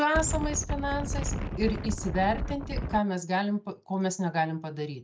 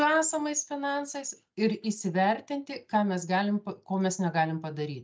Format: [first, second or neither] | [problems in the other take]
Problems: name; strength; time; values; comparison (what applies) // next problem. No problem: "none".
second | background sound (Wind); 2 dB below the speech